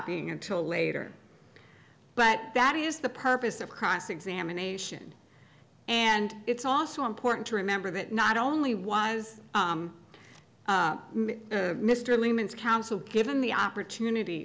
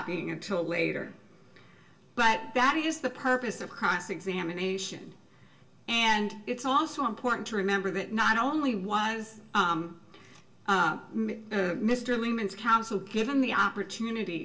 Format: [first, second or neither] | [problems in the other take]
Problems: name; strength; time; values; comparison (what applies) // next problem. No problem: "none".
first | room echo; dies away in 0.2 s